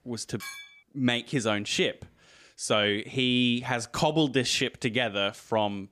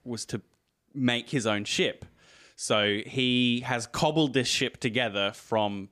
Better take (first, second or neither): second